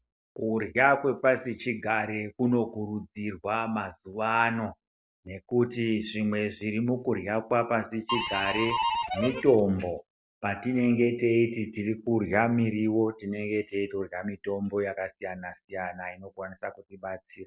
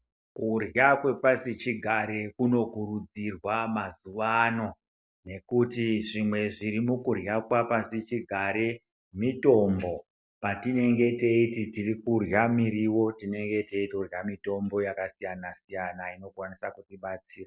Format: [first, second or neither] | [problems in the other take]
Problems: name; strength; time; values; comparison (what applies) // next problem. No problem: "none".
second | background sound (Harmonica); 3 dB below the speech